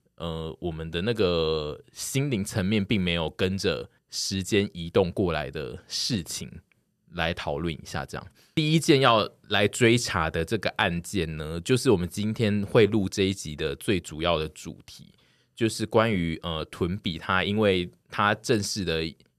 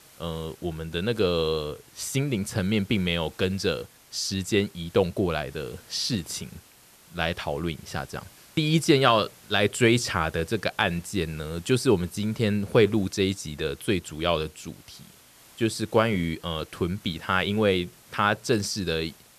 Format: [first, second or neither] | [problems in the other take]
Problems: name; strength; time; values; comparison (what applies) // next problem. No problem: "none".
first | hiss; faint; throughout; 25 dB below the speech